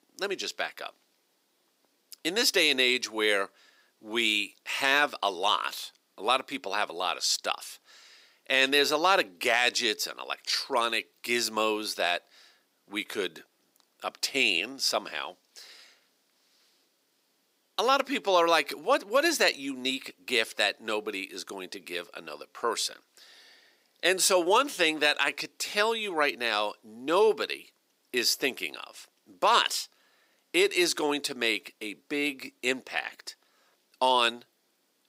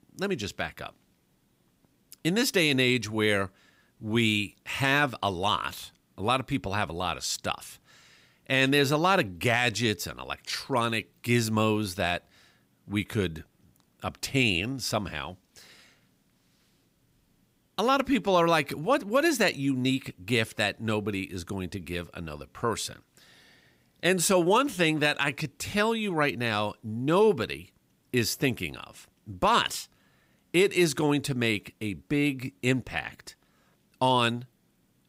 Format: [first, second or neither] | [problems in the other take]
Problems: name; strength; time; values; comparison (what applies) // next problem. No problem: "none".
second | thin; somewhat; fading below 350 Hz